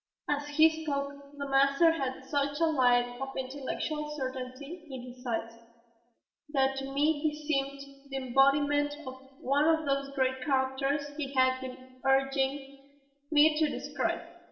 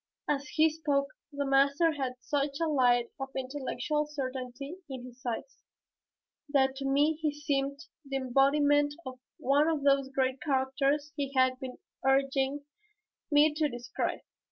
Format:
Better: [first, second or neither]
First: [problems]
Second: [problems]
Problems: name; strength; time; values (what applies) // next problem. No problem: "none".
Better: second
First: room echo; dies away in 1.1 s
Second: none